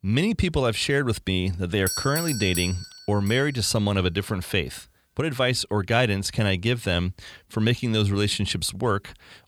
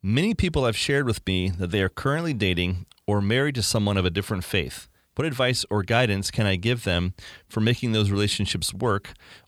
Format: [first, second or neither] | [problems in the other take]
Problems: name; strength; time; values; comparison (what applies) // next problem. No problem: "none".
second | doorbell; noticeable; from 2 to 3.5 s; peak 3 dB below the speech